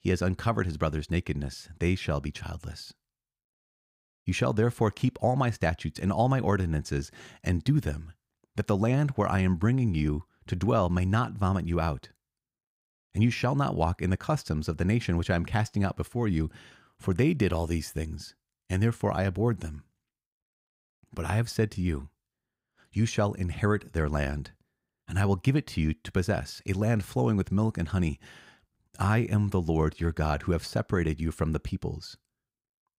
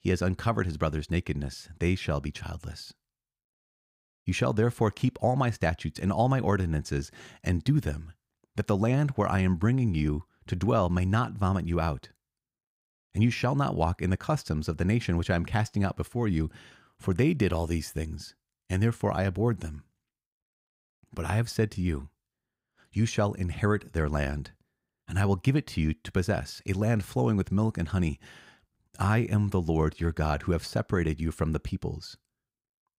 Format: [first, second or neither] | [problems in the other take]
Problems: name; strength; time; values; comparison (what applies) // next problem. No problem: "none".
neither | none